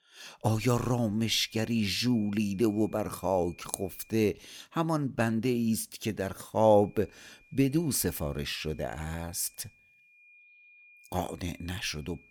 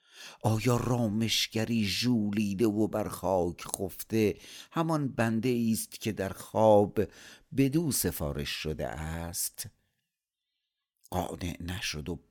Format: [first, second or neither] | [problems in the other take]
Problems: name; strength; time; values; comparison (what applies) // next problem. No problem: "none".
second | high-pitched whine; faint; from 1.5 to 4.5 s and from 7 s on; 2.5 kHz, 30 dB below the speech